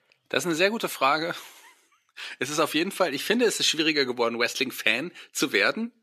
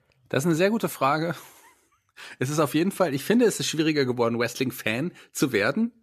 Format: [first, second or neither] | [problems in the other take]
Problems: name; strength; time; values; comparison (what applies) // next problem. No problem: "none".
second | thin; very slightly; fading below 250 Hz